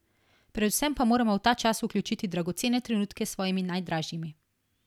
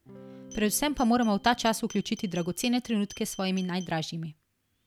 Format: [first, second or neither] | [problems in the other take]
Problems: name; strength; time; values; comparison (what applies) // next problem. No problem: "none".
first | background sound (Electric guitar / Strum + Glass); 20 dB below the speech